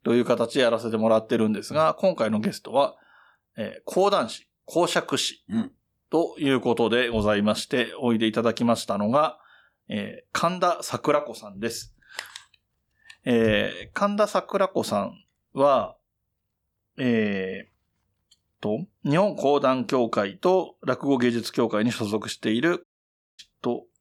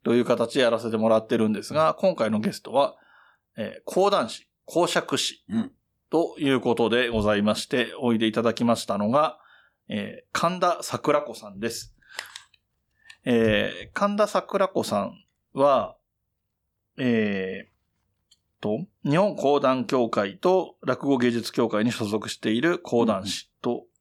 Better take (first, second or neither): second